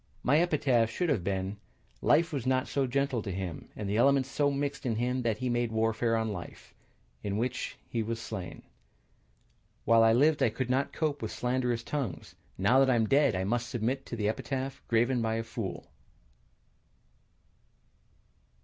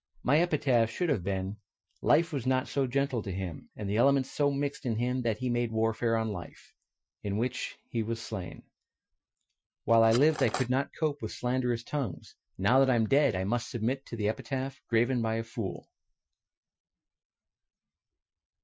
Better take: first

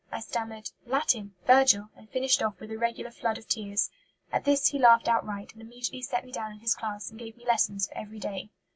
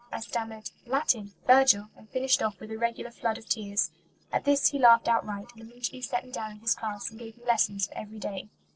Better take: first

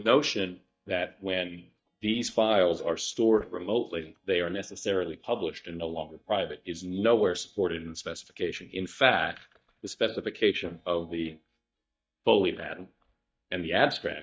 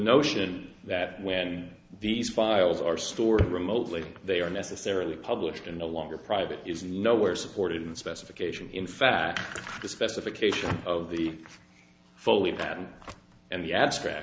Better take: second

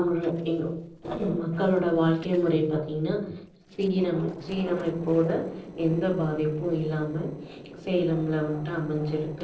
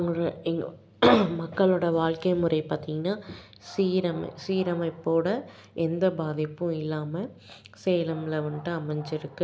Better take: second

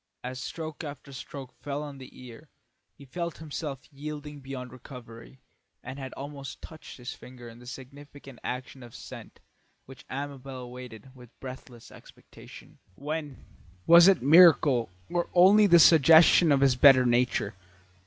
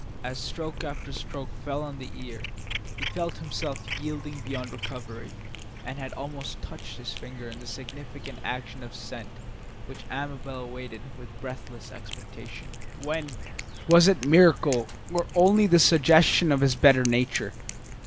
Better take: first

